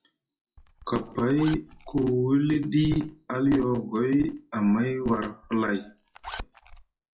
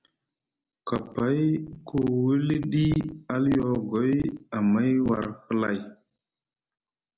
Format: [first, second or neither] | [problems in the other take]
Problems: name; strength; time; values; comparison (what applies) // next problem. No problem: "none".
second | noise reduction (classical method WPE with log-MMSE)